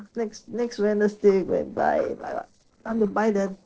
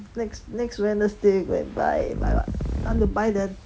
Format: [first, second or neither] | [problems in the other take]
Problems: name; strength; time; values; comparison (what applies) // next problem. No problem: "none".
second | noise reduction (neural separator model SepFormer DNS4)